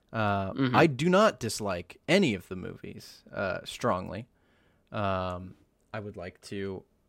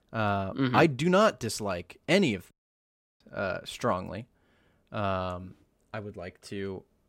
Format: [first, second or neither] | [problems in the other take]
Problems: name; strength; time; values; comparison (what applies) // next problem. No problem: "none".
first | audio cutting out; at 2.5 s for 0.5 s